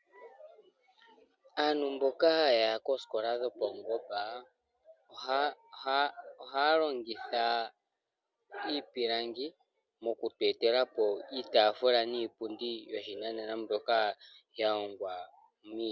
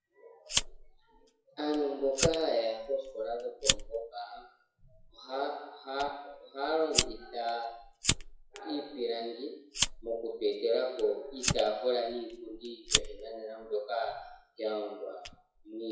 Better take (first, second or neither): first